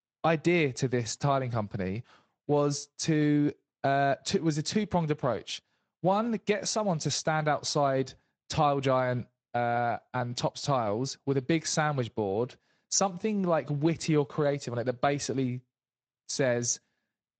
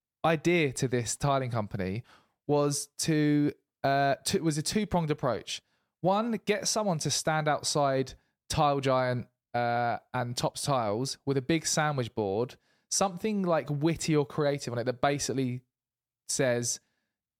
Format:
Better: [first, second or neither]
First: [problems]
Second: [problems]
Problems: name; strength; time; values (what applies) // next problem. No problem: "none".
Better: second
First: garbled, watery; slightly; nothing above 7.5 kHz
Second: none